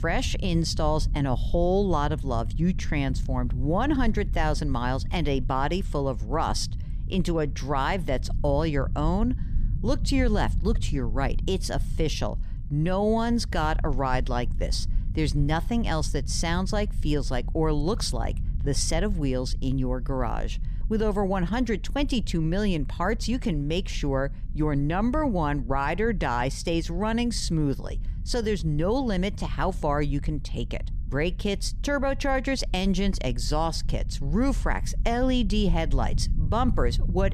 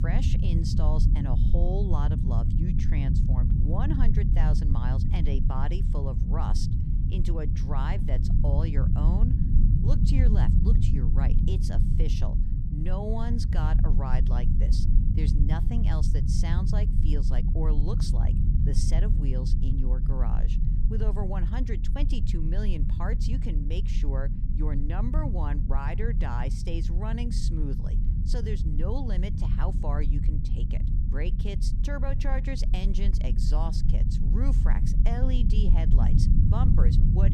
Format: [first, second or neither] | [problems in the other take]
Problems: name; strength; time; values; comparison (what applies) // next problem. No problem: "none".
first | low rumble; loud; throughout; 2 dB below the speech; faint in the first